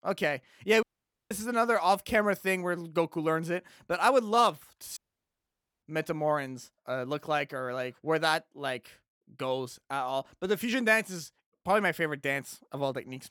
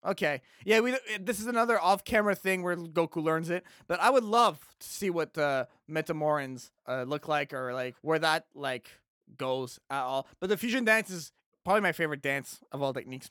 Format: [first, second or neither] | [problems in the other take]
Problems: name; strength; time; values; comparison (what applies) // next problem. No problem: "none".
second | audio cutting out; at 1 s and at 5 s for 1 s